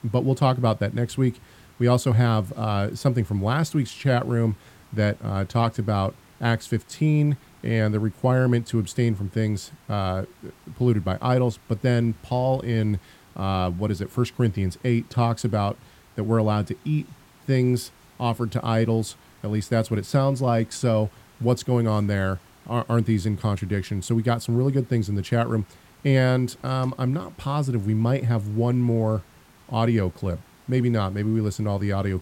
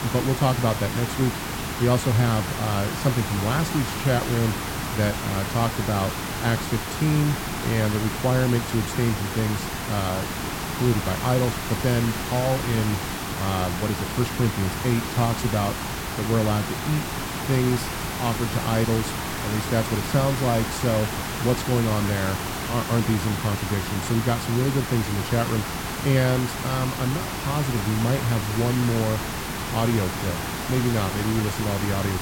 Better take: first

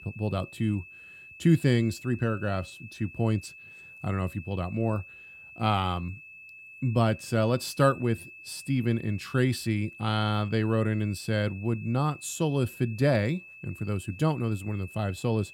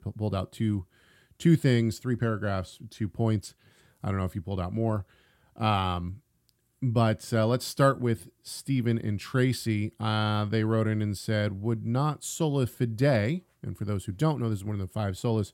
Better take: second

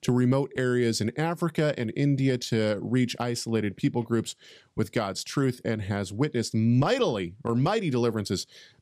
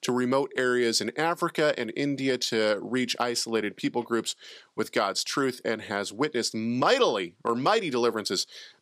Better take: first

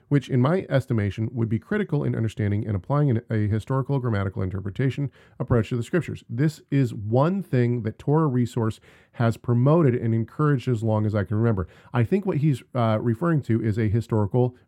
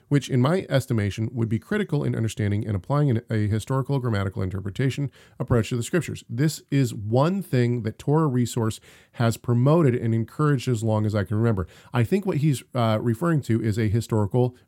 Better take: second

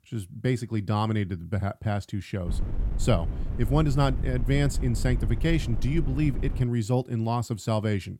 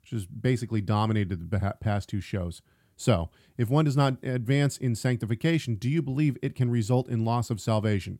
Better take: second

